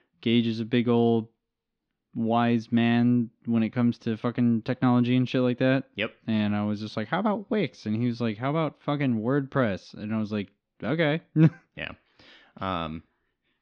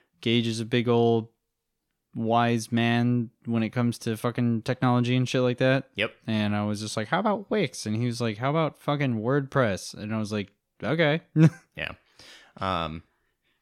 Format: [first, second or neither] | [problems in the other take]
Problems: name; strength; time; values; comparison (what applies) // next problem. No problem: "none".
second | muffled; very slightly; fading above 4.5 kHz